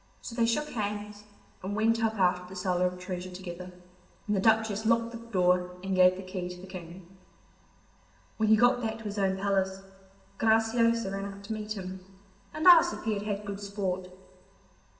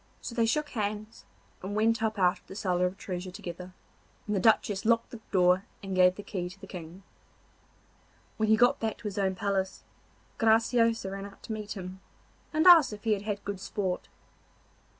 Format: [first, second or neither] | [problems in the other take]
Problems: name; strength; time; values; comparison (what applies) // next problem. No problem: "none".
second | room echo; dies away in 1.7 s